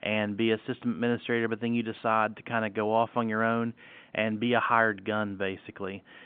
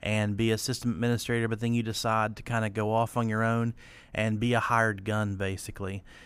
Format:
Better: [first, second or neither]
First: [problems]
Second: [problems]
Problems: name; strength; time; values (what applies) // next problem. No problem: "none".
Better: second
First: phone-call audio; nothing above 3.5 kHz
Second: none